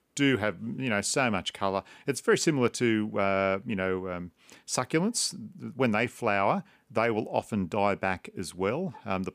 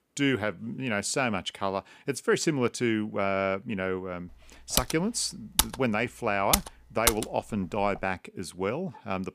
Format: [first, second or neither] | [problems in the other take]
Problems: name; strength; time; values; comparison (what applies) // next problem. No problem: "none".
first | keyboard typing; loud; from 5 to 7 s; peak 3 dB above the speech